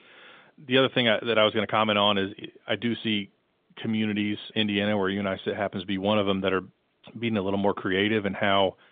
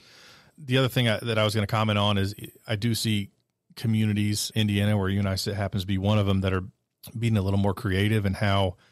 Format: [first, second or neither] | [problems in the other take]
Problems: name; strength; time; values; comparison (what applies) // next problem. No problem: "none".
second | phone-call audio; nothing above 3.5 kHz